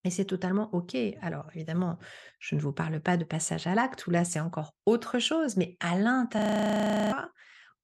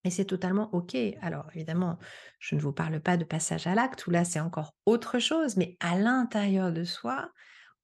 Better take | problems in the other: second | audio freezing; at 6.5 s for 0.5 s

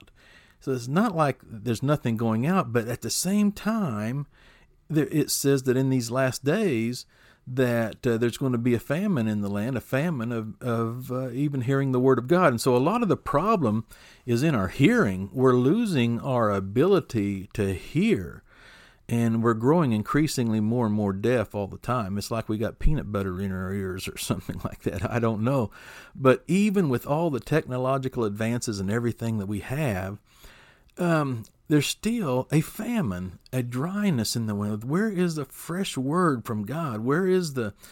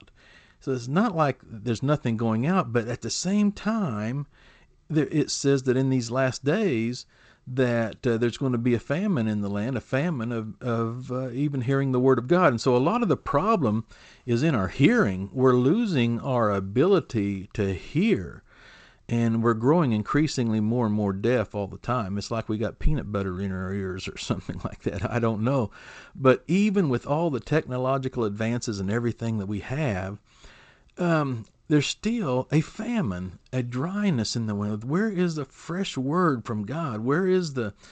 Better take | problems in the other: first | garbled, watery; slightly; nothing above 8 kHz

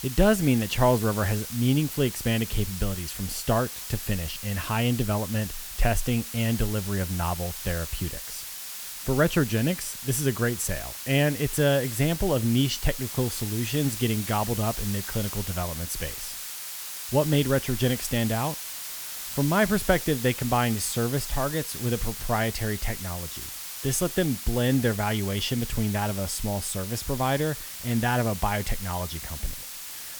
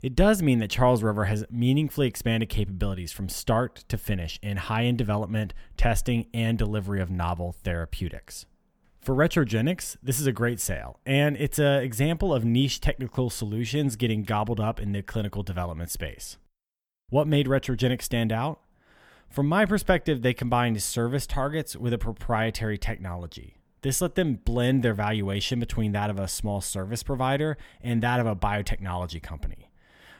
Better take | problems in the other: second | hiss; loud; throughout; 7 dB below the speech

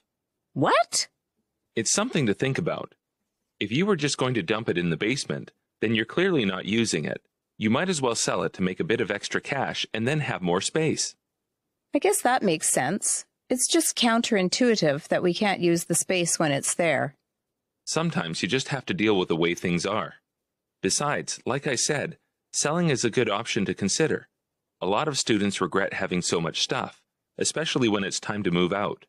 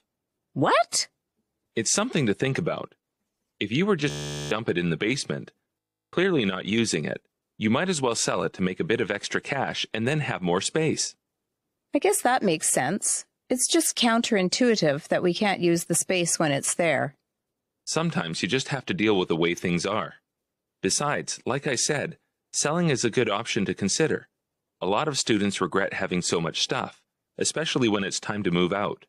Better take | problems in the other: first | audio freezing; at 4 s and at 6 s

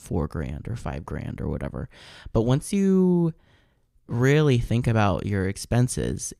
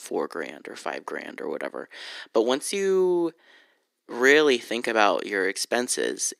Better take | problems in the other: first | thin; very; fading below 300 Hz

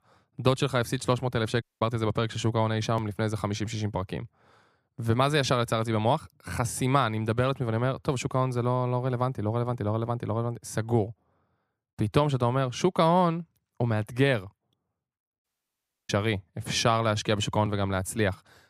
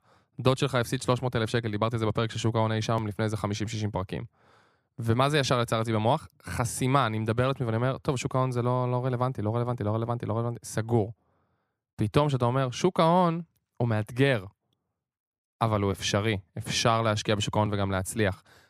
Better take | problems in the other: second | audio cutting out; at 1.5 s and at 15 s for 0.5 s

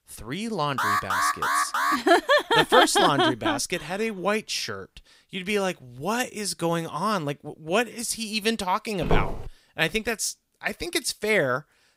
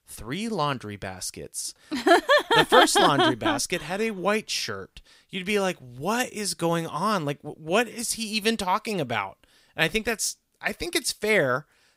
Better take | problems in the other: second | alarm; loud; from 1 to 2 s; peak 2 dB above the speech // footsteps; noticeable; at 9 s; peak 2 dB below the speech

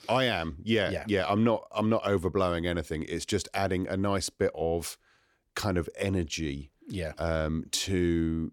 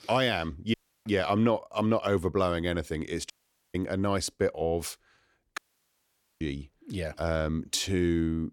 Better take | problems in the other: first | audio cutting out; at 0.5 s, at 3.5 s and at 5.5 s for 1 s

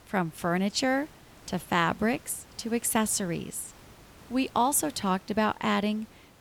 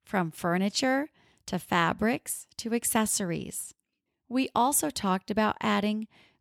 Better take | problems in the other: second | hiss; faint; throughout; 25 dB below the speech

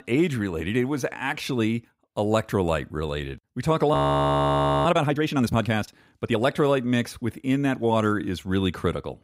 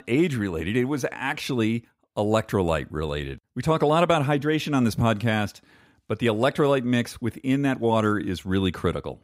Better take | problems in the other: second | audio freezing; at 4 s for 1 s

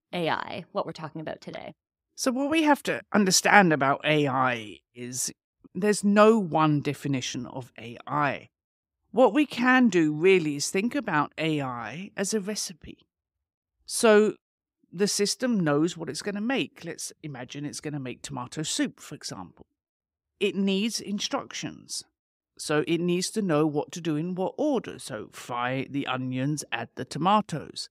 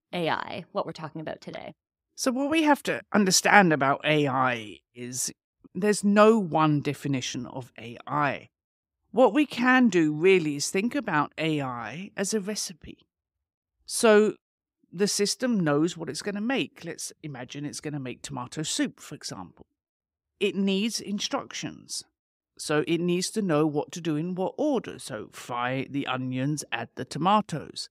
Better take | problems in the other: neither | none

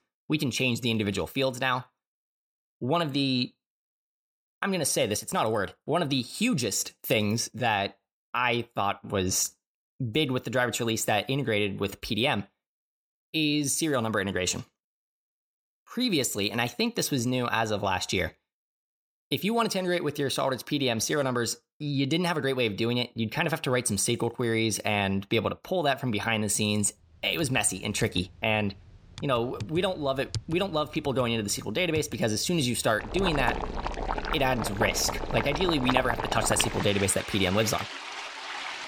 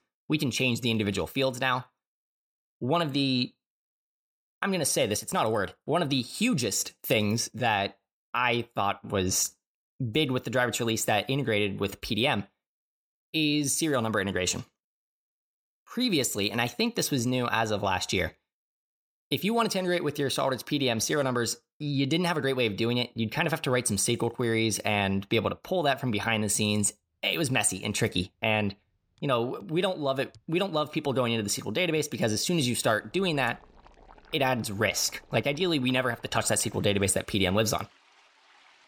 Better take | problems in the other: second | household noises; loud; from 27 s on; 6 dB below the speech; faint in the second

